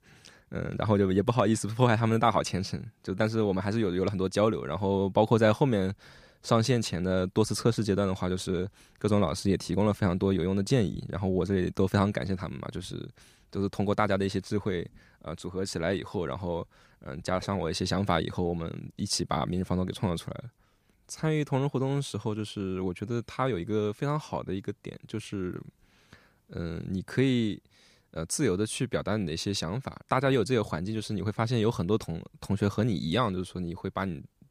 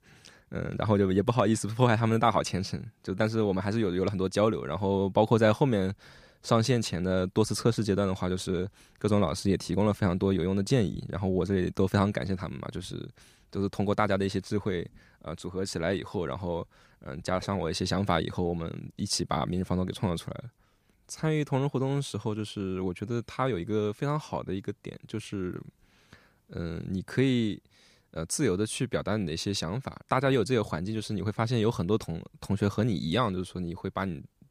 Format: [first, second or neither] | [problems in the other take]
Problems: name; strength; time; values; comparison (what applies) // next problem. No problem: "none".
neither | none